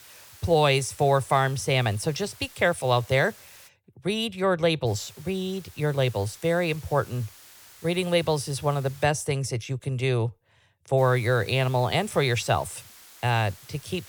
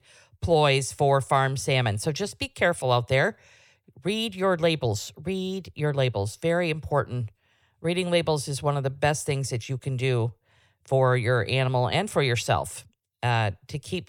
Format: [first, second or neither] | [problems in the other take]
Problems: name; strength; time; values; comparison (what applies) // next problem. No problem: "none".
second | hiss; faint; until 3.5 s, from 5 to 9 s and from 11 s on; 20 dB below the speech